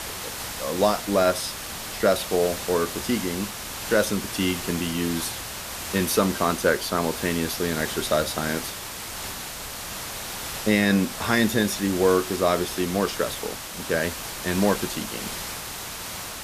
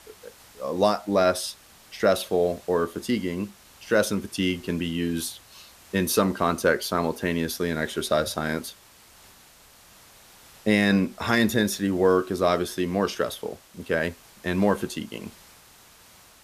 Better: second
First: hiss; loud; throughout; 7 dB below the speech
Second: hiss; faint; throughout; 25 dB below the speech

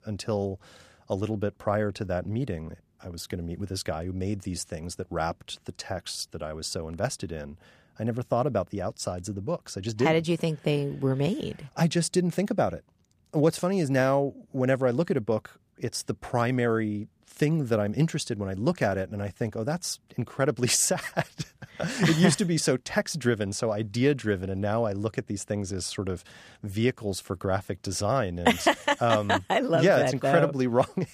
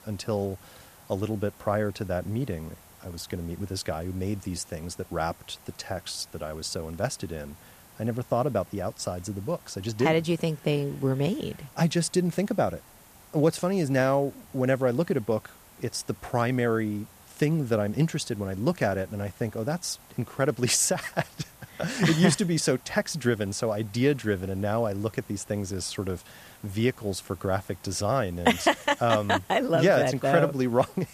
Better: first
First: none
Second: hiss; faint; throughout; 25 dB below the speech

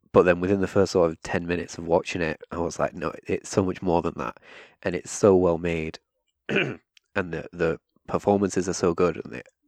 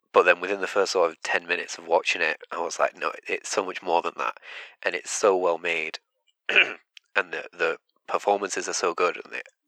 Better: first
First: none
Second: thin; very; fading below 650 Hz

